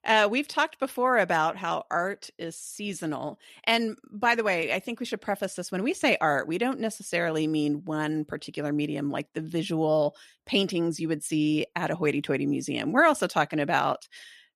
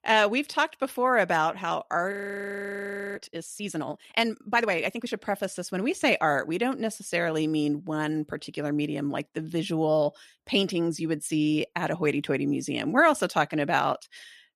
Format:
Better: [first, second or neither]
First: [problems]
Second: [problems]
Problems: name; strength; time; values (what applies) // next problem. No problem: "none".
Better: first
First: none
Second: audio freezing; at 2 s for 1 s